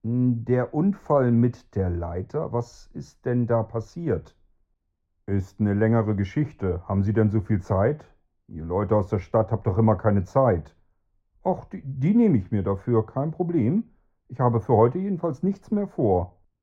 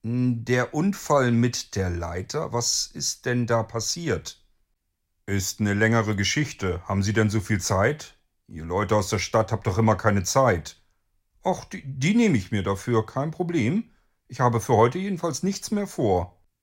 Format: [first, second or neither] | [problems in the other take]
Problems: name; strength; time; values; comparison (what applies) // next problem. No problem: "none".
second | muffled; very; fading above 2 kHz